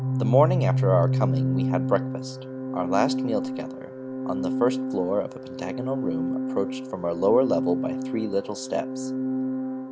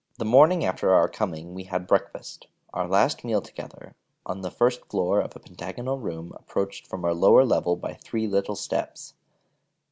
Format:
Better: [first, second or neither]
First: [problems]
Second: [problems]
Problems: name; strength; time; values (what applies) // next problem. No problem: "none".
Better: second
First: background sound (Organ); as loud as the speech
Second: none